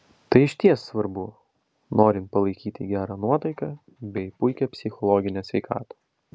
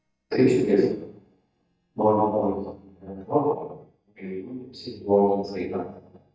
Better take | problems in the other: first | noise reduction (neural mask model DeepFilterNet 3)

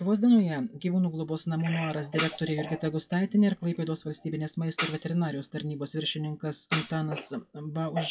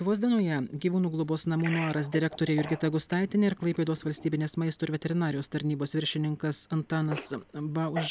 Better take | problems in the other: second | noise reduction (classical method WPE with log-MMSE)

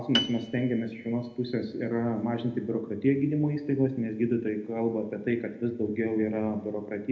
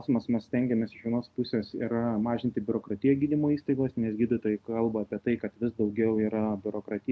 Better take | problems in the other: second | background sound (Piano); 7 dB below the speech // room echo; dies away in 0.7 s

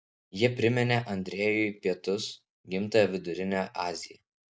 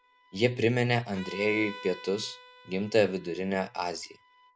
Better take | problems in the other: first | background sound (Bowed string instrument); 19 dB below the speech

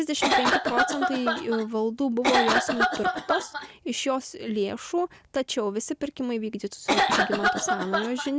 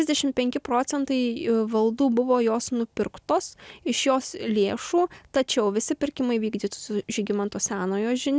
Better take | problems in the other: second | background sound (Cough); 3 dB above the speech

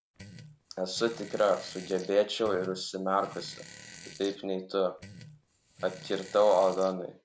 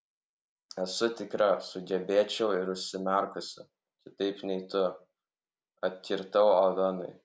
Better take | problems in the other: second | background sound (Fart); 19 dB below the speech

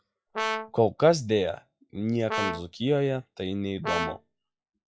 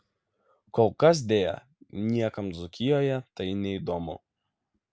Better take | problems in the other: second | noise reduction (classical method log-MMSE)

